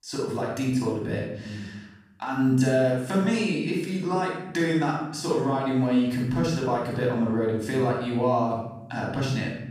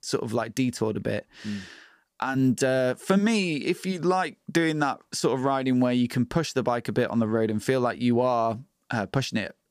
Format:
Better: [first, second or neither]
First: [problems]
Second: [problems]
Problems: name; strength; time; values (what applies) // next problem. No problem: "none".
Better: second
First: room echo; noticeable; dies away in 0.8 s // off-mic speech; far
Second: none